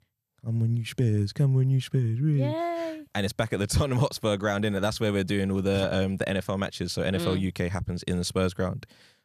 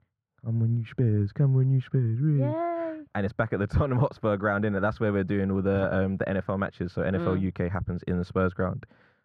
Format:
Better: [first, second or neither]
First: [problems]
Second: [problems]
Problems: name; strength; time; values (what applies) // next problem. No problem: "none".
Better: first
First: none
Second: muffled; very; fading above 4 kHz